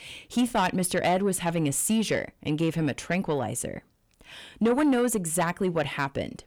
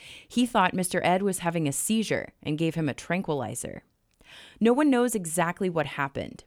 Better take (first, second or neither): second